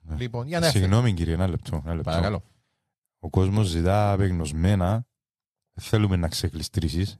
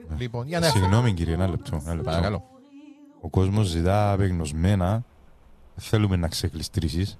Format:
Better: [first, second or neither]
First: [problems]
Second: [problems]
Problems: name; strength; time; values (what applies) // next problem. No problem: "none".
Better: first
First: none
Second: rain or running water; noticeable; throughout; 15 dB below the speech